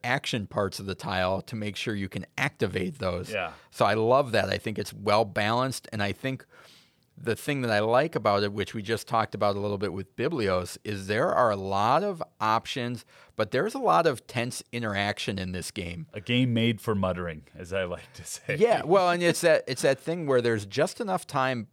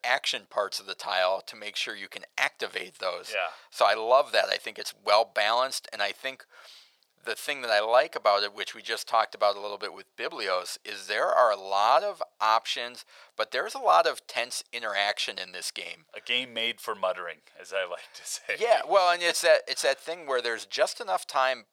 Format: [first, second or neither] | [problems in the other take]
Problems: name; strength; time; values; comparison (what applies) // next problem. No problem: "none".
first | thin; very; fading below 800 Hz